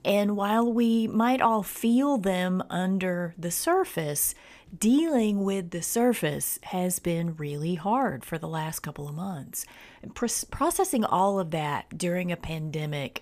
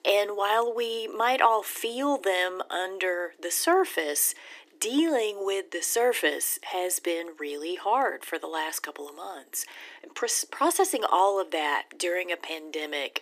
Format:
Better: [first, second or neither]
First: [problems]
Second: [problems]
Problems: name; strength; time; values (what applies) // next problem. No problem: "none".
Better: first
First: none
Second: thin; very; fading below 300 Hz